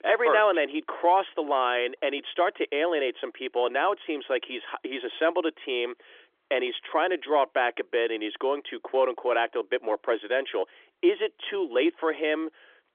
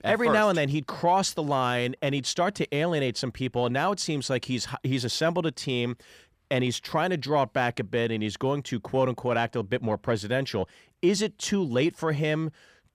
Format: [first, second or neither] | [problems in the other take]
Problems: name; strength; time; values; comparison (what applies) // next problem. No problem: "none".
second | phone-call audio; nothing above 3.5 kHz